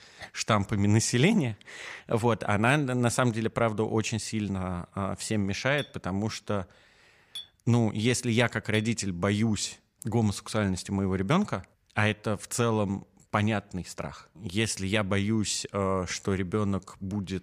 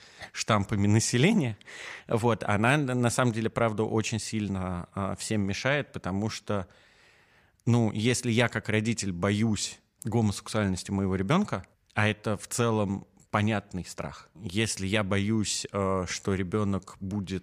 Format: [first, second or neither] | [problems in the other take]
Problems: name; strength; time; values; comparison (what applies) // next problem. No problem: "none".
second | clattering dishes; faint; from 6 to 9 s; peak 15 dB below the speech